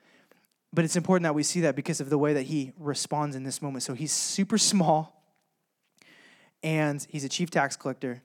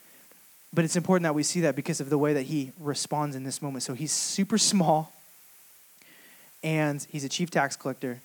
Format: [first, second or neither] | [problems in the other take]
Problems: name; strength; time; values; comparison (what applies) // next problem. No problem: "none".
first | hiss; faint; throughout; 25 dB below the speech